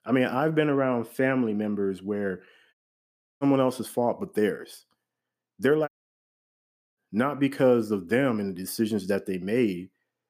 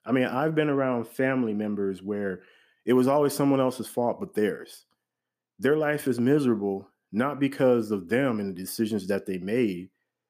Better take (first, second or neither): second